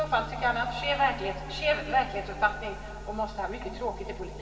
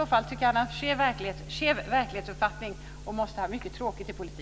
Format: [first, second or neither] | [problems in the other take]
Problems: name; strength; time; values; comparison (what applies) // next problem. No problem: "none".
second | room echo; dies away in 2.7 s